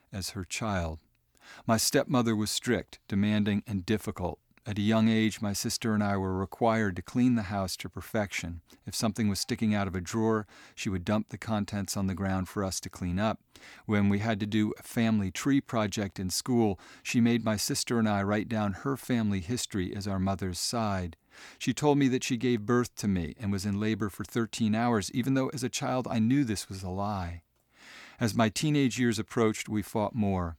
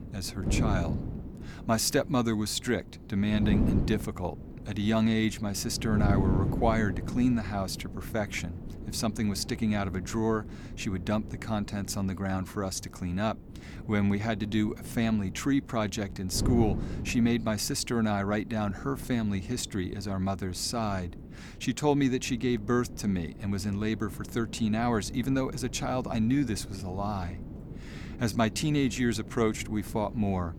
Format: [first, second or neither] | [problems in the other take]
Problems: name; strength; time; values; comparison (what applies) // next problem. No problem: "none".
first | wind noise on the microphone; occasional gusts; 15 dB below the speech